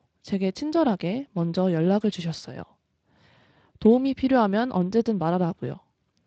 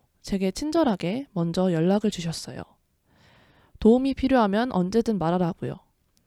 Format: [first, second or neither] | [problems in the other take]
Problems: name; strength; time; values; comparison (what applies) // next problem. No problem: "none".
second | garbled, watery; slightly